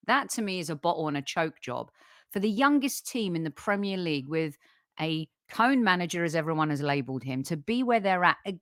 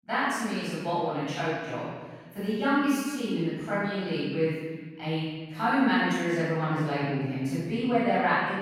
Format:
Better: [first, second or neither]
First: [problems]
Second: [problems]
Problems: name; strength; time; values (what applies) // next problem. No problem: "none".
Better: first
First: none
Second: room echo; strong; dies away in 1.6 s // off-mic speech; far